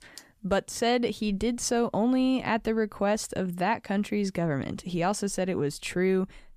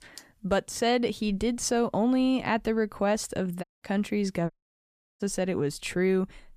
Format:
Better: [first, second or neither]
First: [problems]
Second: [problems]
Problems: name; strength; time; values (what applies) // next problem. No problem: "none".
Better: first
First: none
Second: audio cutting out; at 3.5 s and at 4.5 s for 0.5 s